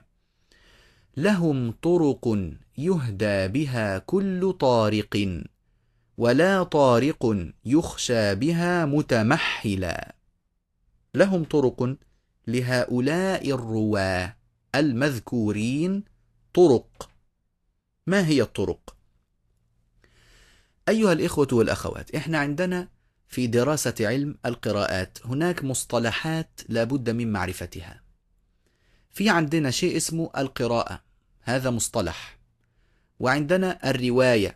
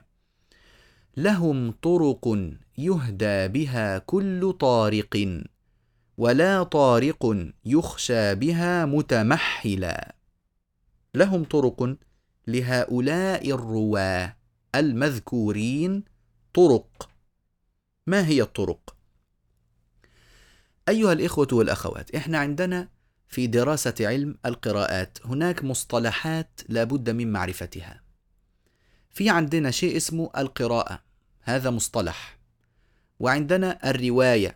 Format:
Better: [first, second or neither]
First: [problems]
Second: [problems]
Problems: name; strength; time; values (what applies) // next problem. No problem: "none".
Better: second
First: garbled, watery; slightly; nothing above 13 kHz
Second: none